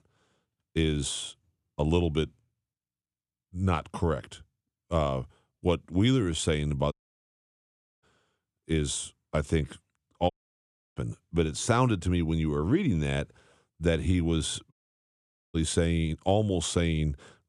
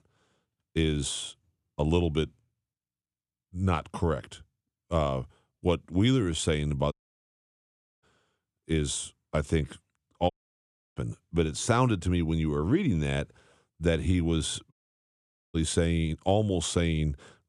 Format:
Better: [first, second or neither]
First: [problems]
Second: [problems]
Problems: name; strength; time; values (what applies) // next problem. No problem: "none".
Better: neither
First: audio cutting out; at 7 s for 1 s, at 10 s for 0.5 s and at 15 s for 1 s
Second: audio cutting out; at 7 s for 1 s, at 10 s for 0.5 s and at 15 s for 1 s